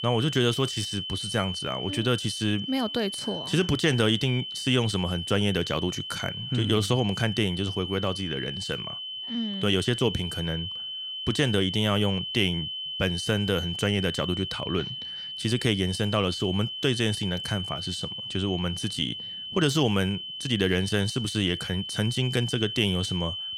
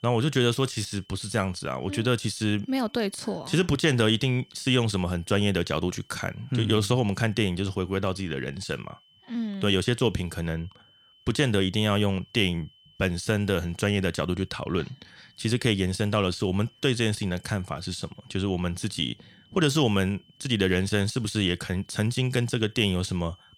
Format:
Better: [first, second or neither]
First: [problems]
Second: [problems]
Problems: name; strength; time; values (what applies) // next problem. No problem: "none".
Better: second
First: high-pitched whine; loud; throughout; 3 kHz, 6 dB below the speech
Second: high-pitched whine; faint; throughout; 3 kHz, 30 dB below the speech